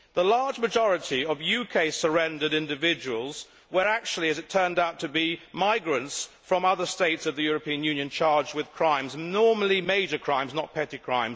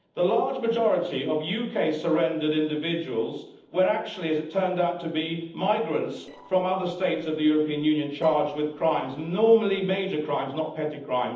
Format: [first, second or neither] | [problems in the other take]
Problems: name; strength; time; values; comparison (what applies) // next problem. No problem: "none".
first | noise reduction (neural separator model SepFormer DNS4)